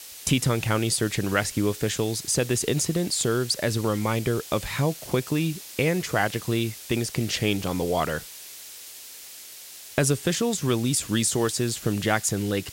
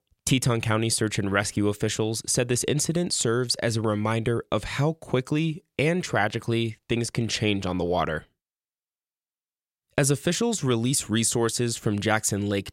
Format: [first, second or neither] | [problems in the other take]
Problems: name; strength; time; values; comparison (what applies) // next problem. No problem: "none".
second | hiss; noticeable; throughout; 15 dB below the speech